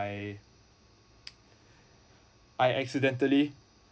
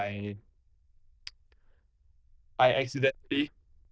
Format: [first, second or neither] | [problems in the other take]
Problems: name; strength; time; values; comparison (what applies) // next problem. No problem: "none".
first | noise reduction (neural diffusion model UNIVERSE++)